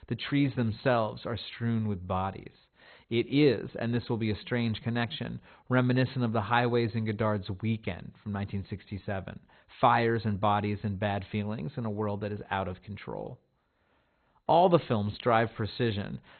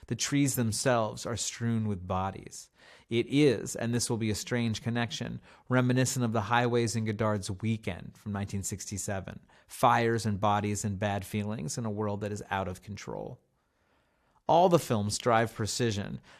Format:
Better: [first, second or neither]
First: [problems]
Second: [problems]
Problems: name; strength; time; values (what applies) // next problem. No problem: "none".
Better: second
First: garbled, watery; badly; nothing above 4 kHz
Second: none